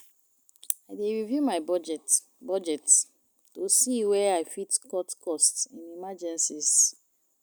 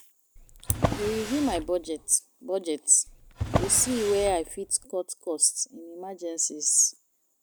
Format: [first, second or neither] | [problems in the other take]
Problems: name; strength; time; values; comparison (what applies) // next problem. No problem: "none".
first | background sound (Drawer open or close); 5 dB below the speech